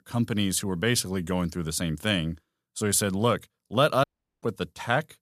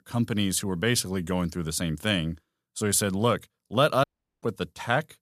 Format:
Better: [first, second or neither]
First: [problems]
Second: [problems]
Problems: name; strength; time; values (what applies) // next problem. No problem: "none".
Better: neither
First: audio cutting out; at 4 s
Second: audio cutting out; at 4 s